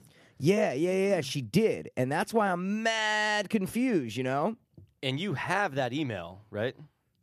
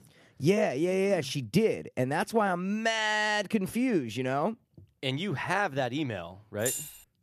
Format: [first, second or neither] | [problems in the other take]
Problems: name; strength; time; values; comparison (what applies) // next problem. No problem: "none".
first | jangling keys; noticeable; at 6.5 s; peak 3 dB below the speech